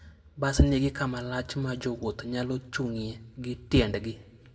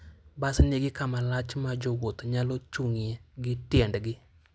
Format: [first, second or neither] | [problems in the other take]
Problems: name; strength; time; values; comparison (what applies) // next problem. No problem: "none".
second | room echo; dies away in 0.7 s